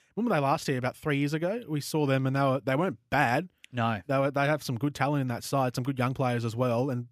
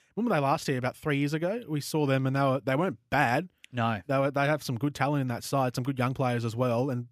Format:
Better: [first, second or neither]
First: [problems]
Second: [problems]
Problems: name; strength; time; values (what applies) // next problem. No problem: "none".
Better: neither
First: none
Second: none